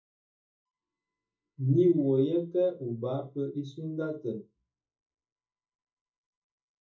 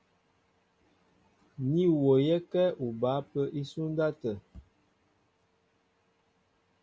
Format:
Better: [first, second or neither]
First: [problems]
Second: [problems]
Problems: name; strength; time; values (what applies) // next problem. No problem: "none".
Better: second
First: noise reduction (neural mask model DeepFilterNet 3)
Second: none